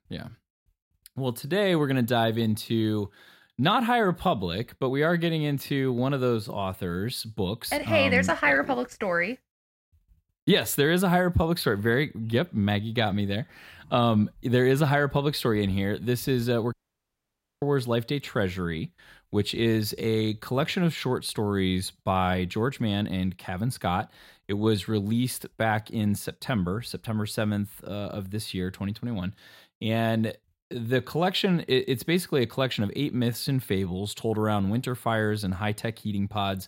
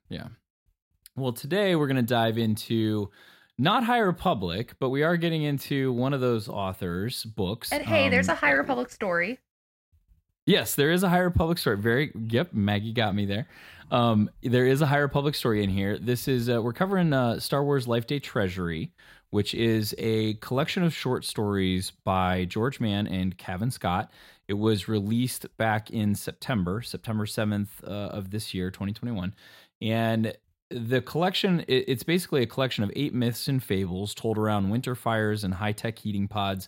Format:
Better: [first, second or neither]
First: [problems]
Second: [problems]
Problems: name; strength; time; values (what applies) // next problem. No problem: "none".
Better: second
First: audio cutting out; at 17 s for 1 s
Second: none